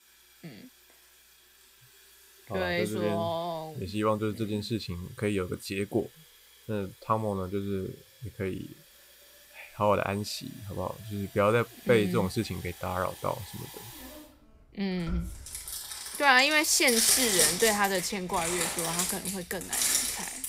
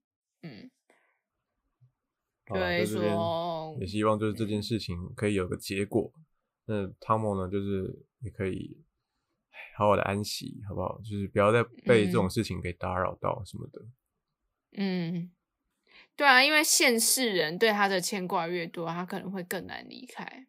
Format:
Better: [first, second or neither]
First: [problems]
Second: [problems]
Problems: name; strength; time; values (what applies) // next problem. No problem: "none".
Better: second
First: household noises; loud; throughout; 1 dB below the speech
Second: none